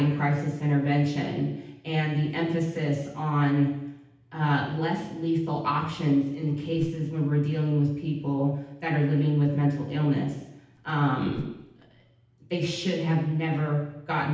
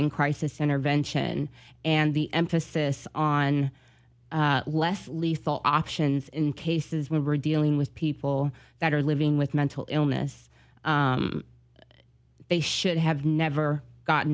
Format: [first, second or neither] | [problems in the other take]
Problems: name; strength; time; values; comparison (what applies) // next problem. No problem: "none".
second | background sound (Whoosh, swoosh, swish); 19 dB below the speech // room echo; dies away in 0.9 s